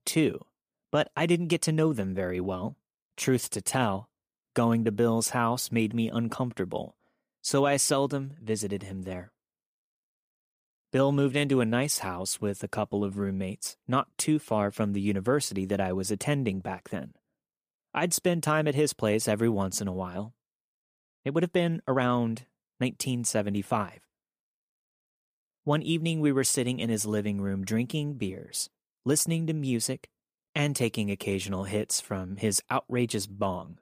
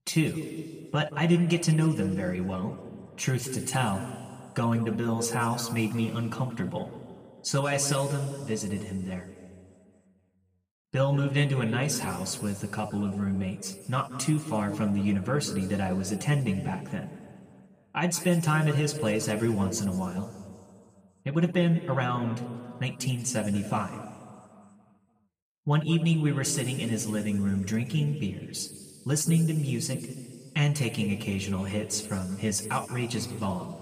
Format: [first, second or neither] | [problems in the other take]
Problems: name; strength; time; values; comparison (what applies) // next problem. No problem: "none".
first | room echo; noticeable; dies away in 2 s // off-mic speech; somewhat distant